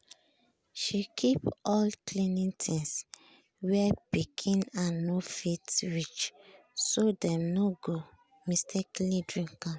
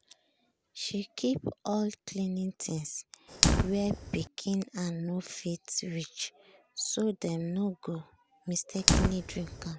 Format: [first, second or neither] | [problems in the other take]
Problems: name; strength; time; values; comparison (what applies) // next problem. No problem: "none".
first | background sound (Fire); 1 dB below the speech